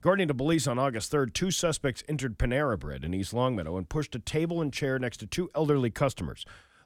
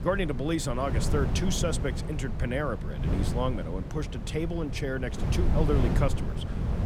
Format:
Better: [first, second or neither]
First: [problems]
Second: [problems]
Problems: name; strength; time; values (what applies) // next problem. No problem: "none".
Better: first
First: none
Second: wind noise on the microphone; heavy; 7 dB below the speech